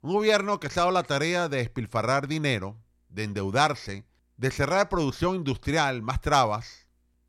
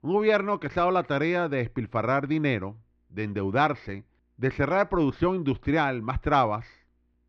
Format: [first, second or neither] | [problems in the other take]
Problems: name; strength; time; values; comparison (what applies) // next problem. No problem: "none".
first | muffled; very; fading above 3 kHz